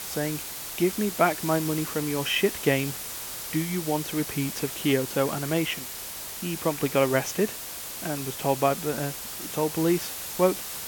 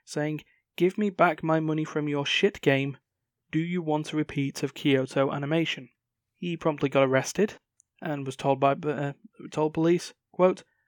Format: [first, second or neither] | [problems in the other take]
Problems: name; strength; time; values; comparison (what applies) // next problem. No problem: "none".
second | hiss; loud; throughout; 6 dB below the speech